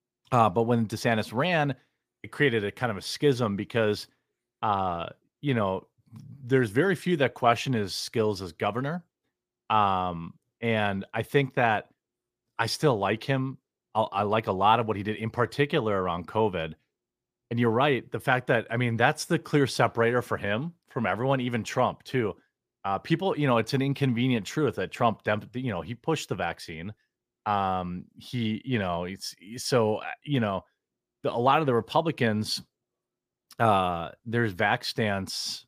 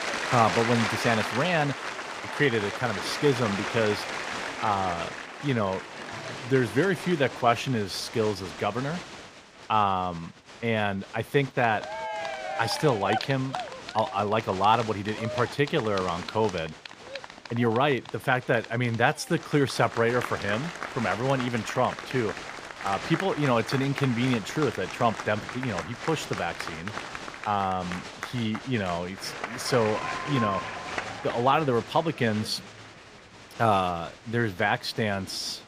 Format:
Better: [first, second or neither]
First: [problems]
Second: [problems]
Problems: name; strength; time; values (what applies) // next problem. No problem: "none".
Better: first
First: none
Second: crowd noise; loud; throughout; 8 dB below the speech